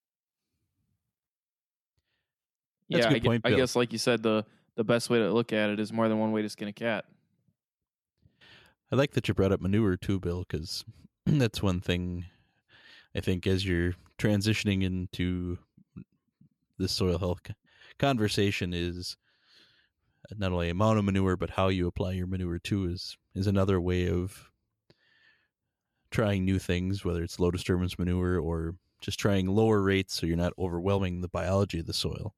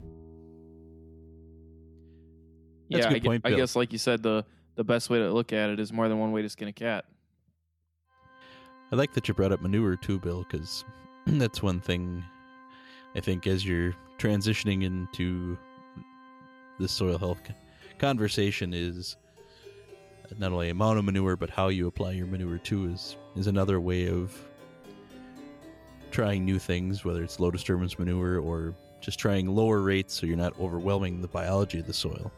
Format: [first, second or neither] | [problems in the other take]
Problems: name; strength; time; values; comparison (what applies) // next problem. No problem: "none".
first | background music; faint; throughout; 25 dB below the speech